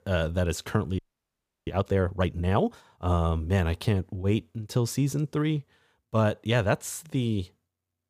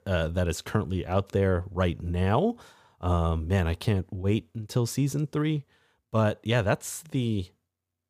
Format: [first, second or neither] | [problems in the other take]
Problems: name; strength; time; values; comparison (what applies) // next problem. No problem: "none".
second | audio freezing; at 1 s for 0.5 s